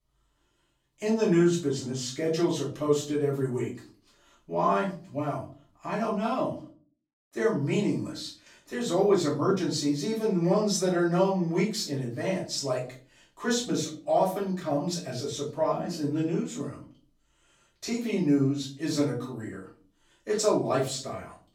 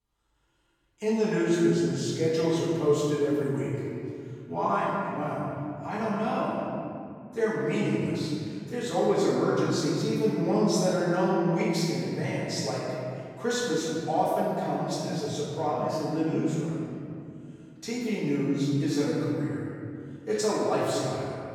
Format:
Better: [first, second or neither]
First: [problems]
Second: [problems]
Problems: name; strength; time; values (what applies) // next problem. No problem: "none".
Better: first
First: room echo; slight; dies away in 0.4 s // off-mic speech; far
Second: room echo; strong; dies away in 2.4 s // off-mic speech; far